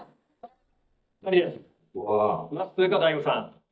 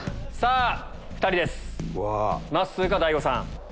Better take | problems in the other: second | noise reduction (neural mask model DeepFilterNet 3)

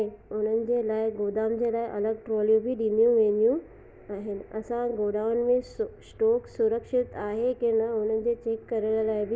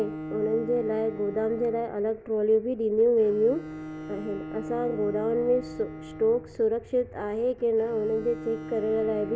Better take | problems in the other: first | background sound (Bowed string instrument); 12 dB below the speech

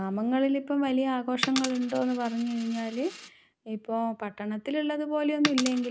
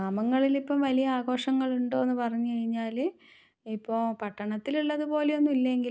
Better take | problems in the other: second | background sound (Coin (dropping)); 11 dB below the speech

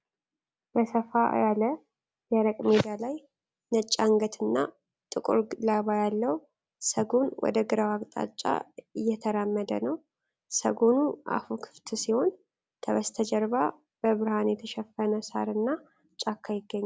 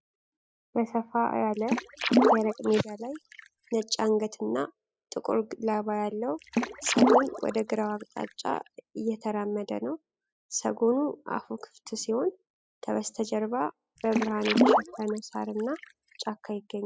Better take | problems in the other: first | noise reduction (classical method spectral subtraction)

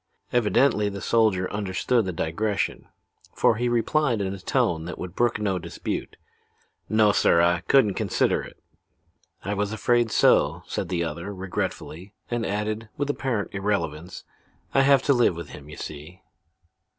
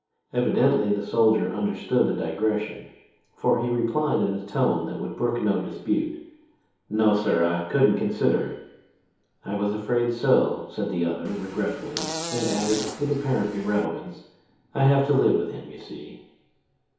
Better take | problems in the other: first | background sound (Fart); 9 dB below the speech // room echo; dies away in 2.2 s

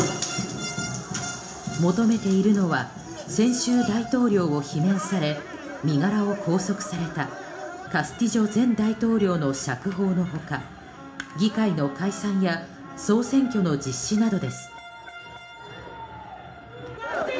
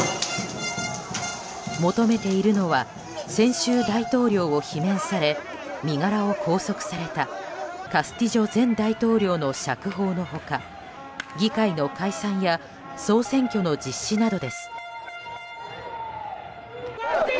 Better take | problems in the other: second | room echo; dies away in 0.4 s

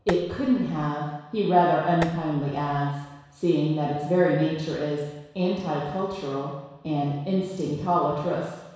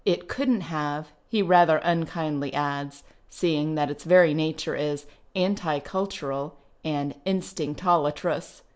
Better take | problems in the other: second | background sound (Tap); 12 dB below the speech // room echo; dies away in 1.1 s

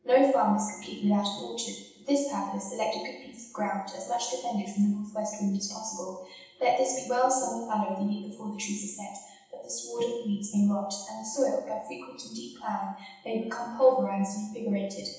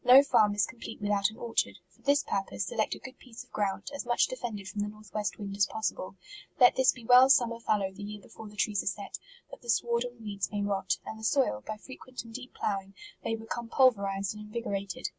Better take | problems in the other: second | room echo; dies away in 0.9 s

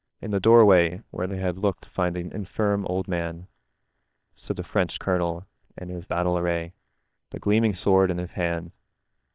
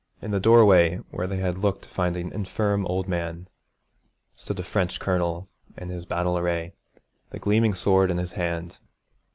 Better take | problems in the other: second | noise reduction (neural separator model SepFormer WHAM!)

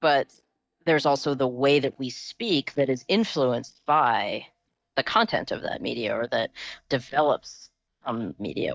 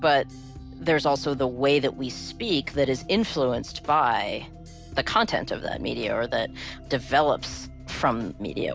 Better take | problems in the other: second | noise reduction (neural mask model DeepFilterNet 3)

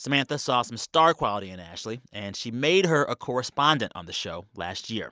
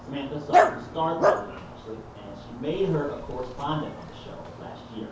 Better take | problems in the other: first | background sound (Dog); 3 dB above the speech // room echo; dies away in 0.6 s

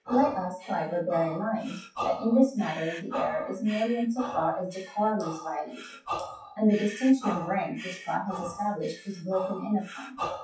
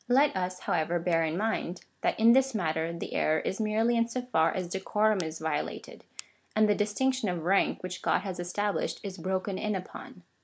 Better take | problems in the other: second | noise reduction (classical method WPE with log-MMSE)

